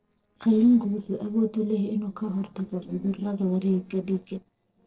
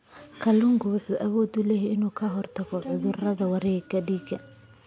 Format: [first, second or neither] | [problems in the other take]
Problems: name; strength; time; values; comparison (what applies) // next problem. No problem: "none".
second | noise reduction (neural separator model SepFormer DNS4)